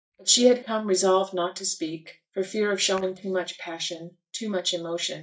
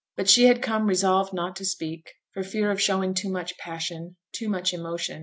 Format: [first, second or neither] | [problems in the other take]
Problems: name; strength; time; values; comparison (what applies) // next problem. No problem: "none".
second | noise reduction (neural mask model DeepFilterNet 3)